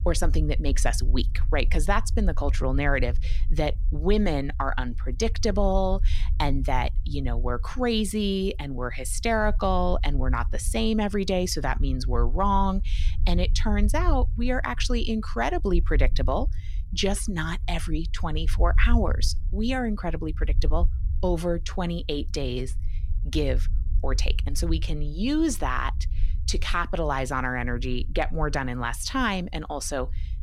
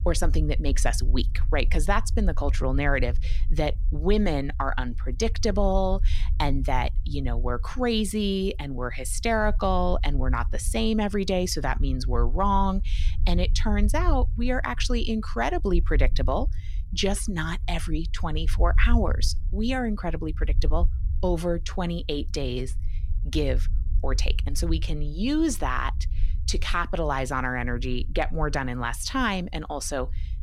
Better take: neither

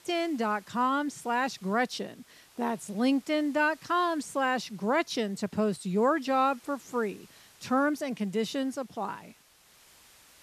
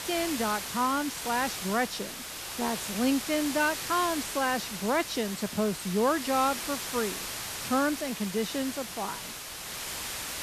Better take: first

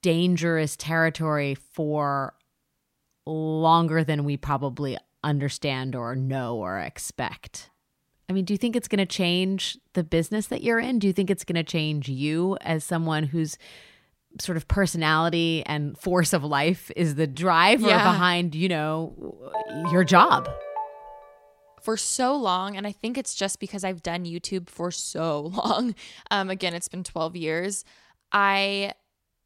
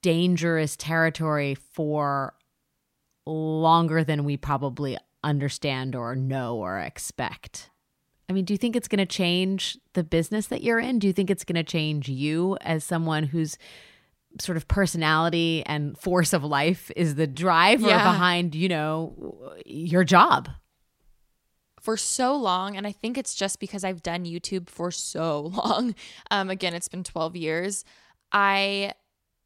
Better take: second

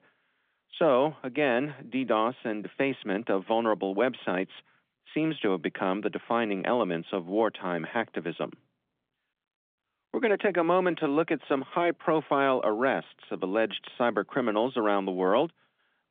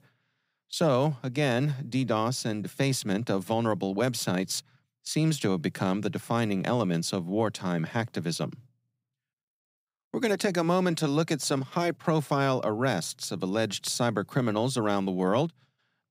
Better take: second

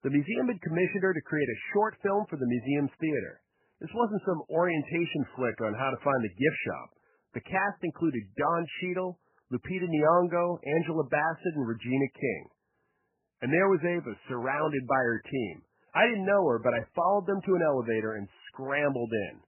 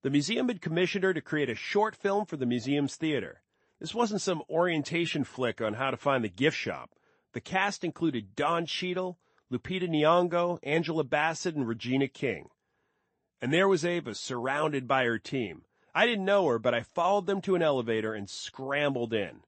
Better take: second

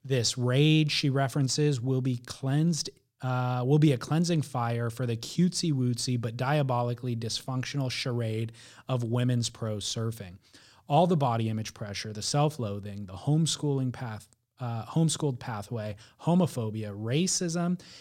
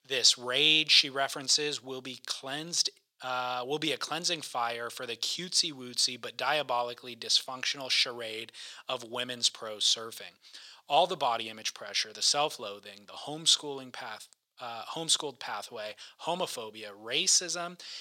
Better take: first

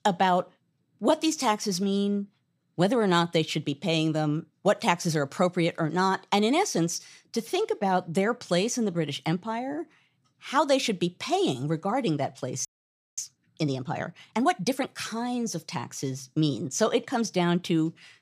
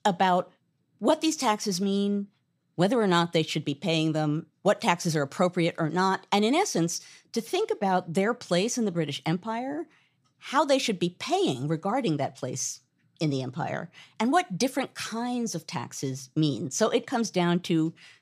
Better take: second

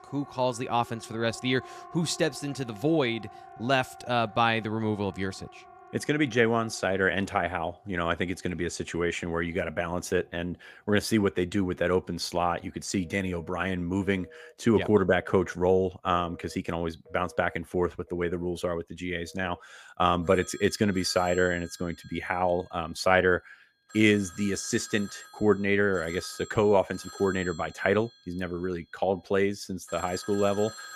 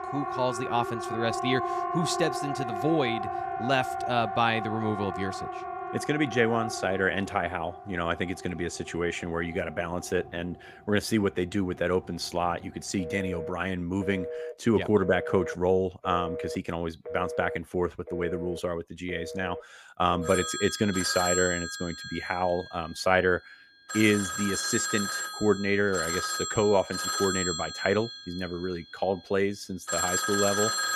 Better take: first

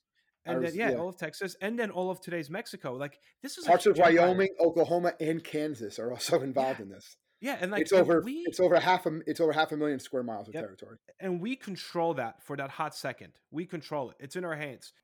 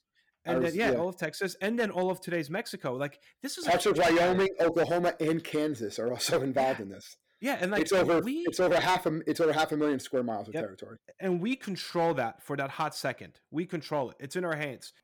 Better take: first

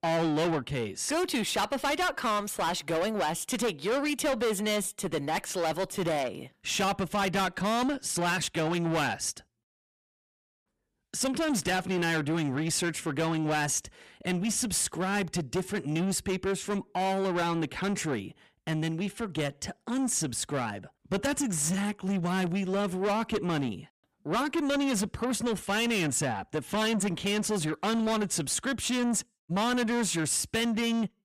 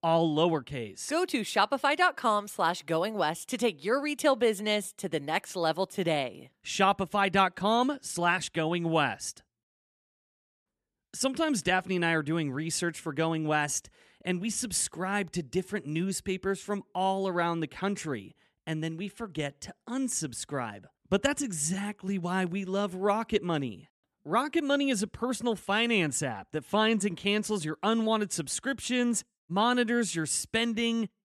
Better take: second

